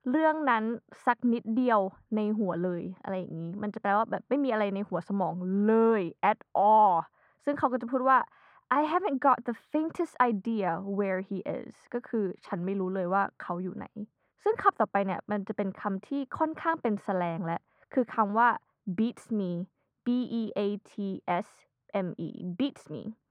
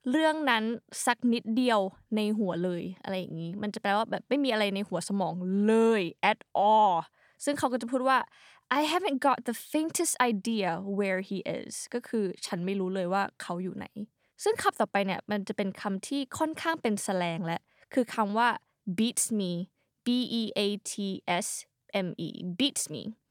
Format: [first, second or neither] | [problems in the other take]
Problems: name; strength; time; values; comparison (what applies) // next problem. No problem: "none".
second | muffled; very; fading above 3.5 kHz